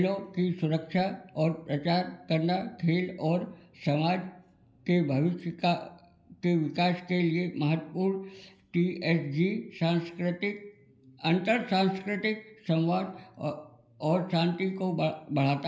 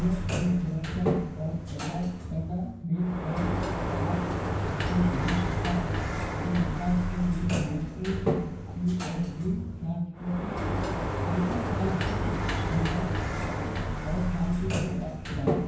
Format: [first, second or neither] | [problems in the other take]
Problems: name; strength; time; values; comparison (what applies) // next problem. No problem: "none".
first | background sound (Sliding door); 1 dB above the speech // room echo; dies away in 0.9 s